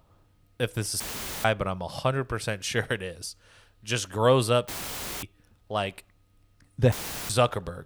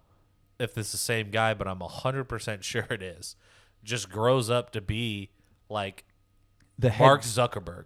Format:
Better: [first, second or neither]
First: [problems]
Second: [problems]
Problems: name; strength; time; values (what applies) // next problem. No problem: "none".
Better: second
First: audio cutting out; filled with static; at 1 s, at 4.5 s for 0.5 s and at 7 s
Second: none